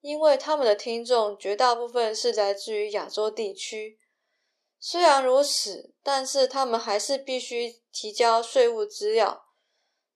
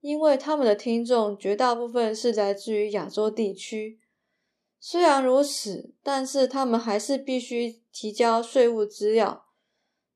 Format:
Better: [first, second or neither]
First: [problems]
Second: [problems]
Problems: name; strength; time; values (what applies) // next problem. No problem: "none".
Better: second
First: thin; somewhat; fading below 550 Hz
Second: none